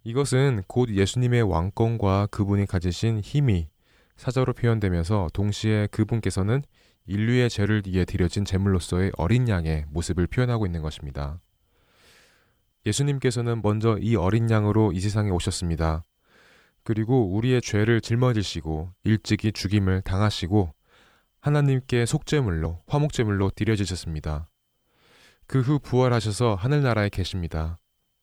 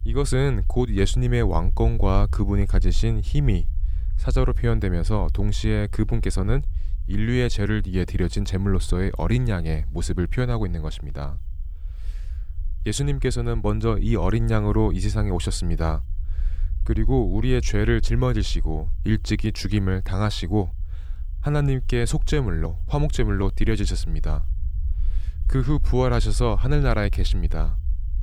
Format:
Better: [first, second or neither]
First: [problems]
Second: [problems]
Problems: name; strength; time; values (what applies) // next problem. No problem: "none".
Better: first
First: none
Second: low rumble; faint; throughout; 25 dB below the speech